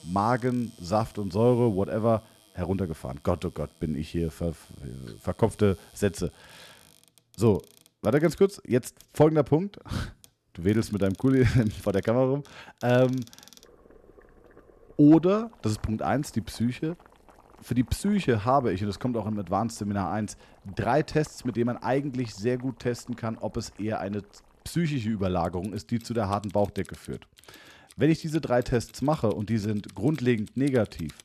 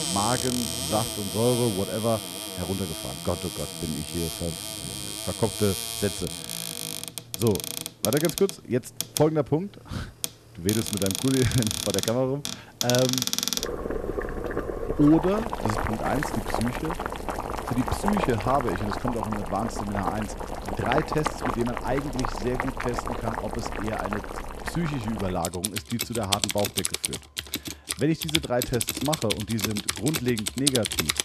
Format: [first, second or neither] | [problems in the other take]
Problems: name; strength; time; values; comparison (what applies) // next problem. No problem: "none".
first | household noises; loud; throughout; 2 dB below the speech; faint in the first